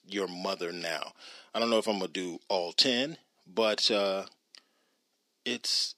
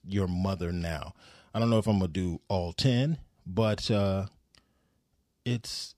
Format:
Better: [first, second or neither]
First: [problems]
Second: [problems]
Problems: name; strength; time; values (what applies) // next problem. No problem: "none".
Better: second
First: thin; somewhat; fading below 300 Hz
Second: none